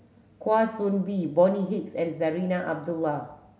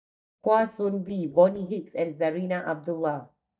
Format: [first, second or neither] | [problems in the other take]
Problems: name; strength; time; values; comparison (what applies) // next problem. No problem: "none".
first | noise reduction (neural mask model DeepFilterNet 3)